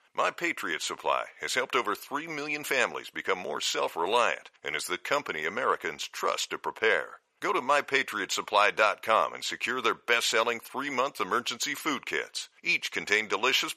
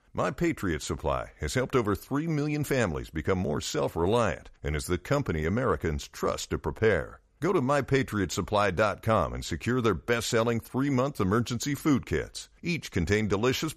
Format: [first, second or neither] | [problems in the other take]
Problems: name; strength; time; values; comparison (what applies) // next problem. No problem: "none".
second | thin; very; fading below 550 Hz